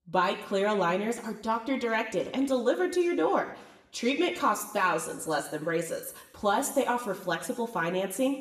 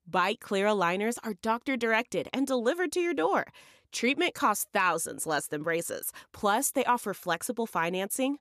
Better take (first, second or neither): second